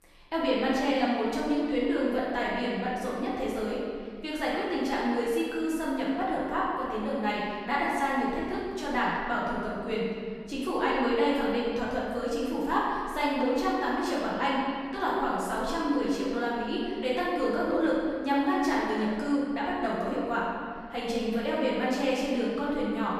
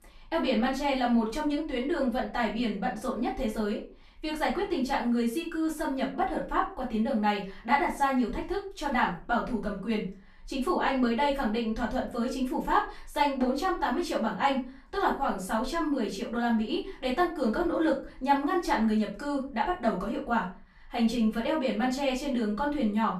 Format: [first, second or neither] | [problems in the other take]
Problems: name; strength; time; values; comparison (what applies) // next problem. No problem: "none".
second | room echo; strong; dies away in 1.8 s; slight in the second // off-mic speech; far; far in the second